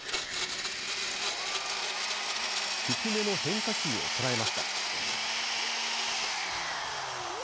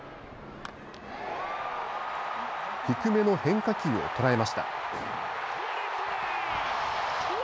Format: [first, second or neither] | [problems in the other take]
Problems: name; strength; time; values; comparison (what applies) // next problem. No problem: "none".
second | background sound (Domestic sounds, home sounds); 4 dB above the speech